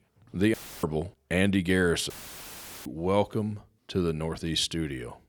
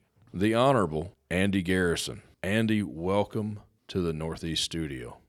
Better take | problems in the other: second | audio cutting out; filled with static; at 0.5 s and at 2 s for 1 s

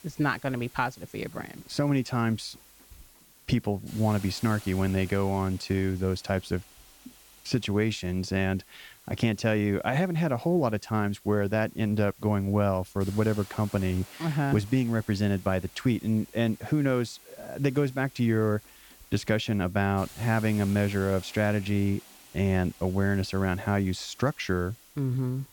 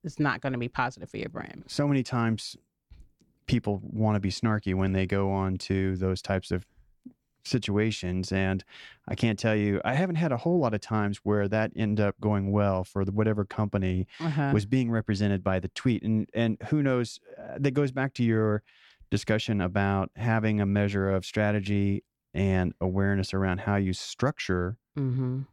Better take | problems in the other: second | hiss; faint; throughout; 20 dB below the speech

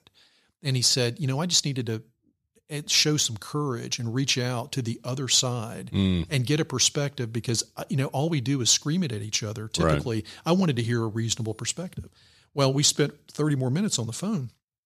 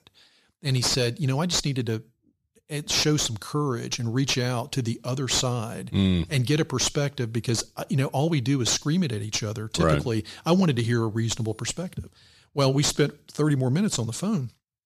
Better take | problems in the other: first | distortion; slight; 10 dB below the speech

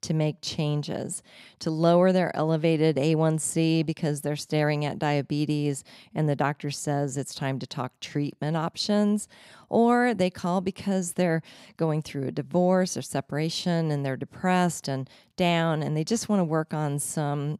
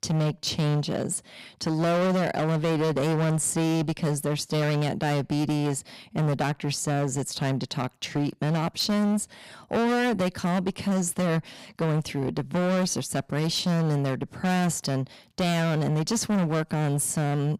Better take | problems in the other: first | distortion; heavy; 21% of the sound clipped

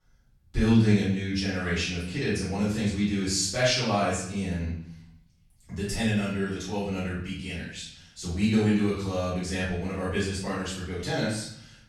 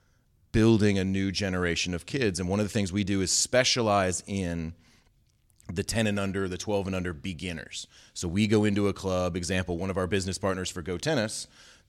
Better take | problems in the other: second | room echo; noticeable; dies away in 0.6 s // off-mic speech; far

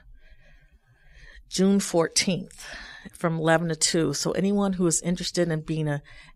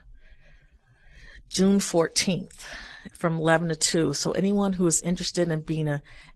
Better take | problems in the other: first | garbled, watery; slightly; nothing above 15.5 kHz

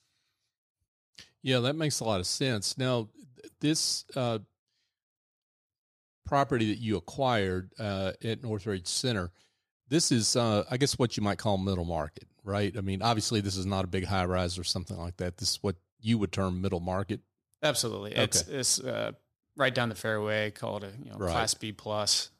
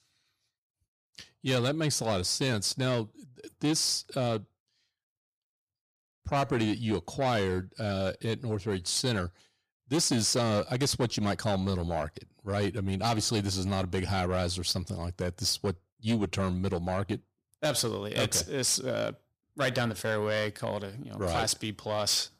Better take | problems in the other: first | distortion; slight; 10 dB below the speech

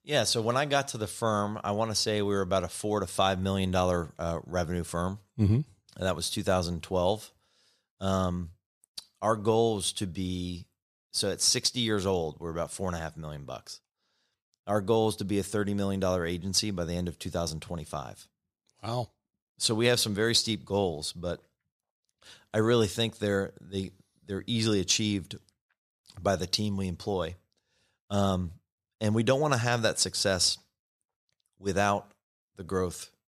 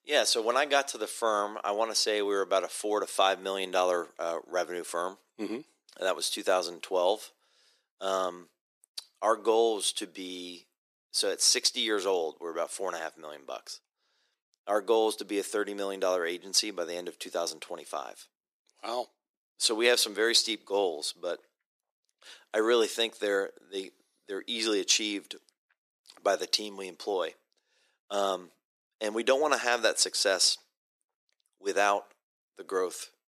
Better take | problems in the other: first | thin; very; fading below 300 Hz

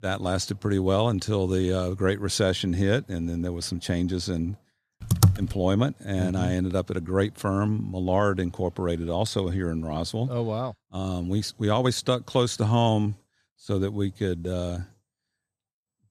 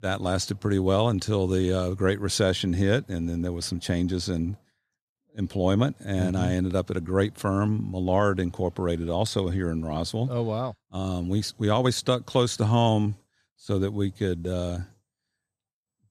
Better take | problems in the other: second | keyboard typing; loud; at 5 s; peak 5 dB above the speech

